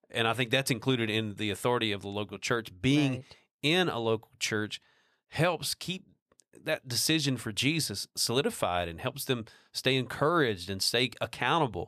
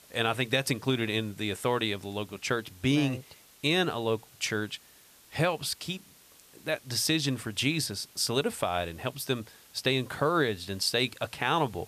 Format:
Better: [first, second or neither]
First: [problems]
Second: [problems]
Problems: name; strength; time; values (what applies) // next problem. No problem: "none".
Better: first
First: none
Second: hiss; faint; throughout; 25 dB below the speech